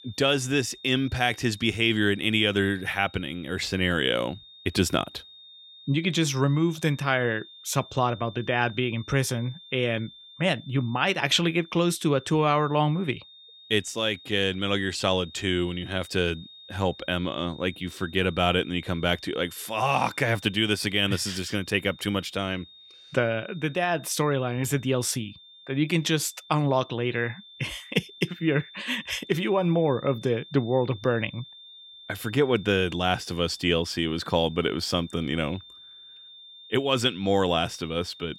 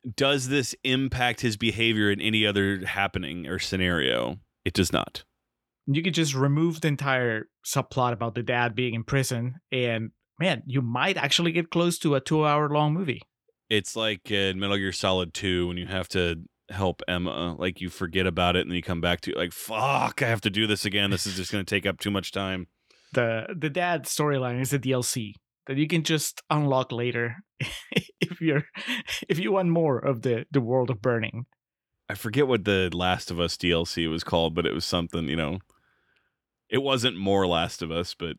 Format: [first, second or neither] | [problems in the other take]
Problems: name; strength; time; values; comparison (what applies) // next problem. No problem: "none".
second | high-pitched whine; noticeable; throughout; 3.5 kHz, 20 dB below the speech